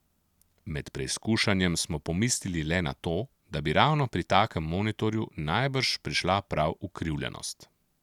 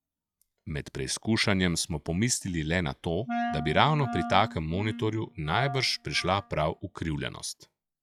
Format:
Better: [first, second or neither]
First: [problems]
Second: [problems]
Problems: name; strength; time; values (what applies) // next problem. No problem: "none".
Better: first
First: none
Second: noise reduction (classical method log-MMSE)